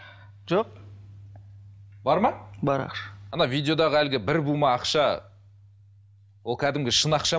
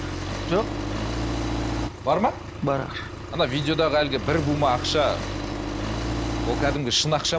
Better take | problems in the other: first | background sound (Accelerating, revving, vroom); 3 dB below the speech

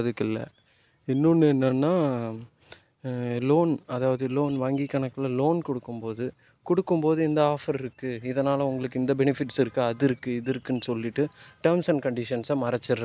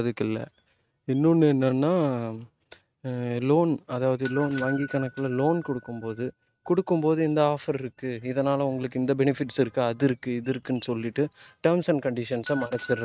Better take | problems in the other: first | noise reduction (neural mask model RNNoise)

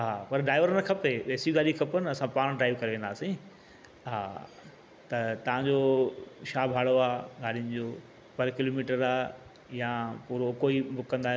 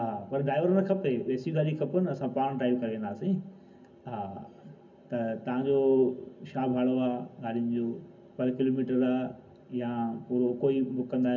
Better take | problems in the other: first | room echo; dies away in 0.3 s

